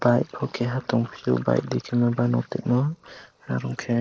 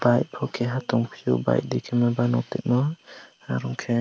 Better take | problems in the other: second | noise reduction (neural mask model Resemble Enhance denoiser)

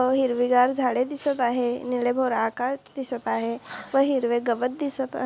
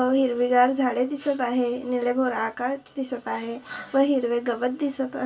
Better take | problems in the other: first | room echo; dies away in 0.2 s

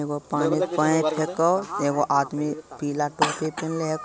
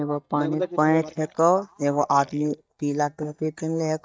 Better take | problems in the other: first | noise reduction (neural mask model DeepFilterNet 3)

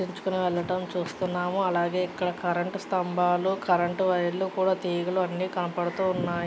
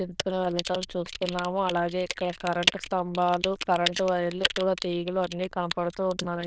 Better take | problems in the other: first | noise reduction (neural diffusion model UNIVERSE++)

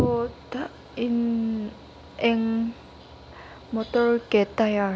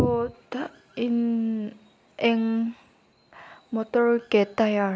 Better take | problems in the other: second | background sound (Mechanical fan); 20 dB below the speech

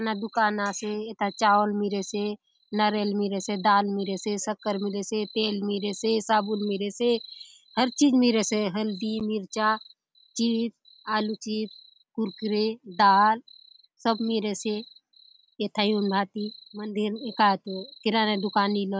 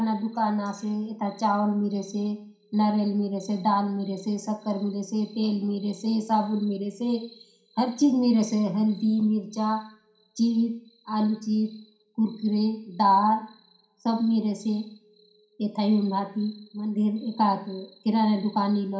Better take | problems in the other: first | room echo; dies away in 0.5 s

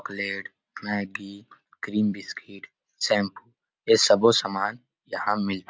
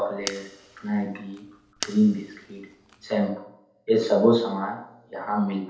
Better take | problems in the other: first | background sound (Fire); 15 dB below the speech // room echo; dies away in 2.2 s

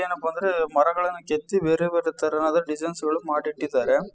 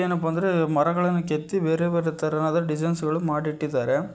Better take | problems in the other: second | noise reduction (classical method spectral subtraction)

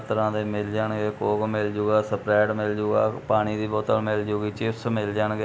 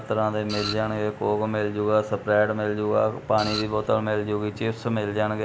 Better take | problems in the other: first | background sound (Printer); 9 dB below the speech

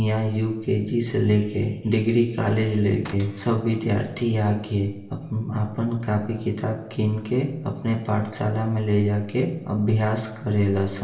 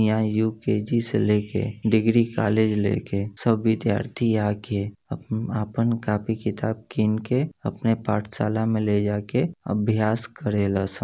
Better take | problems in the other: second | background sound (Cupboard open or close / Door); 18 dB below the speech // room echo; dies away in 0.8 s

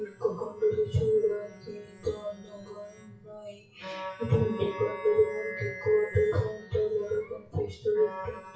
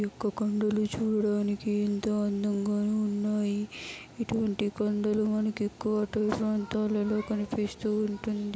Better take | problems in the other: second | noise reduction (classical method WPE with log-MMSE)

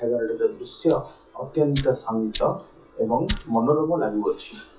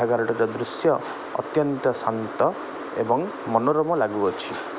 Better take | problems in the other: second | noise reduction (classical method WPE with log-MMSE)

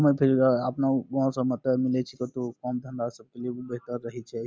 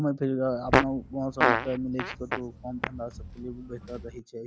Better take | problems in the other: first | background sound (Fart); 2 dB above the speech

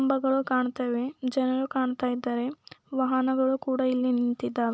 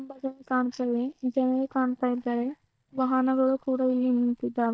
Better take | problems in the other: first | noise reduction (neural mask model DeepFilterNet 3)

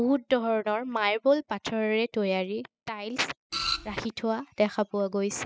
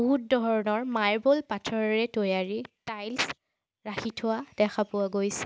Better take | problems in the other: second | noise reduction (classical method spectral subtraction)

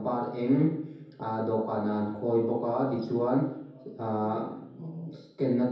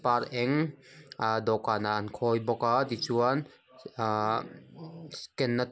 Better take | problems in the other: second | room echo; dies away in 0.9 s

